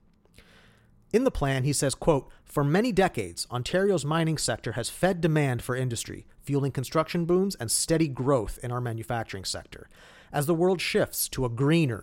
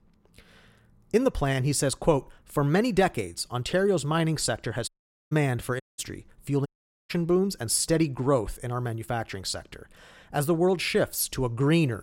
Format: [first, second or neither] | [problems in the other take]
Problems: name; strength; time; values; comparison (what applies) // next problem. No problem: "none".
first | audio cutting out; at 5 s, at 6 s and at 6.5 s